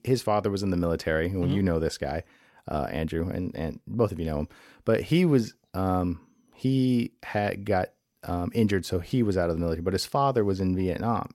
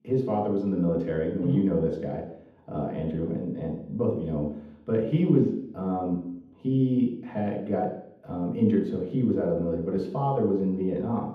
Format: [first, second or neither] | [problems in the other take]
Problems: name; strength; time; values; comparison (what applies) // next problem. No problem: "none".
first | room echo; noticeable; dies away in 0.8 s // off-mic speech; far